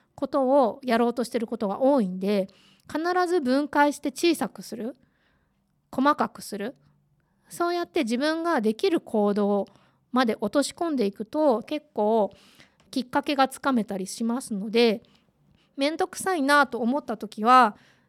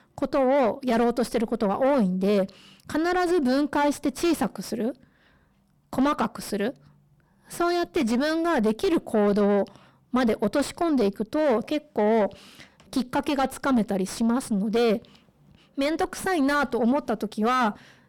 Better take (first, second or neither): first